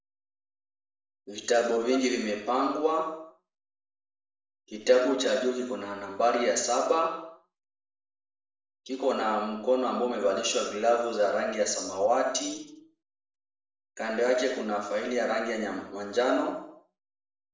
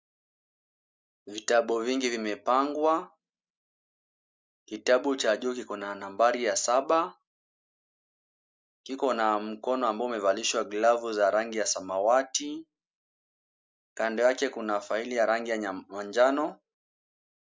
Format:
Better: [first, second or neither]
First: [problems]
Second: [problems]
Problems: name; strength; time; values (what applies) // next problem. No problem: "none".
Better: second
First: noise reduction (neural separator model SepFormer DNS4)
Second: none